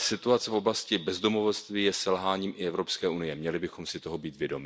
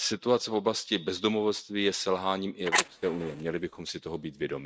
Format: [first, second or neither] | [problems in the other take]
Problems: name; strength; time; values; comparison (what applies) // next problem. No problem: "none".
first | noise reduction (neural mask model RNNoise)